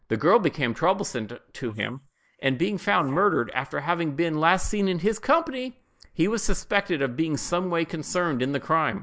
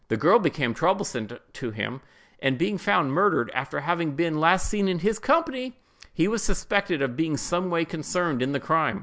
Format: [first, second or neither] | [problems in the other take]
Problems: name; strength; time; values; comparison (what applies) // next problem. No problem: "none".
second | noise reduction (neural mask model Resemble Enhance denoiser)